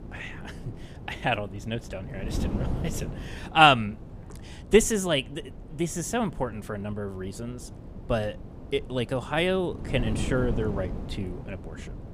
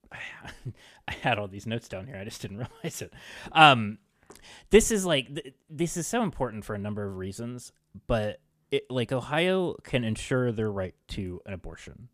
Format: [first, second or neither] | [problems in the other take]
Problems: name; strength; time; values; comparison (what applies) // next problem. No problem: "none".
second | wind noise on the microphone; occasional gusts; 20 dB below the speech